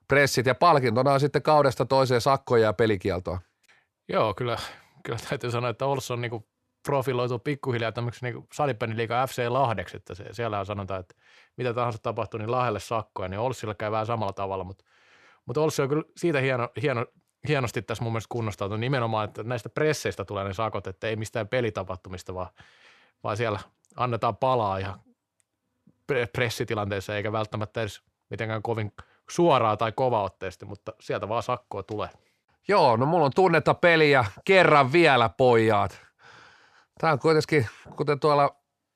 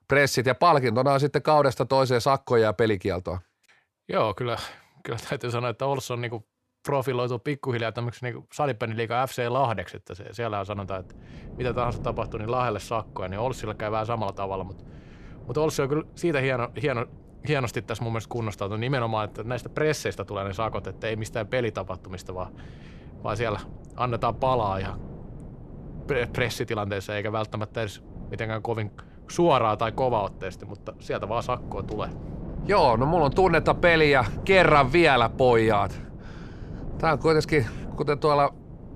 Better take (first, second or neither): first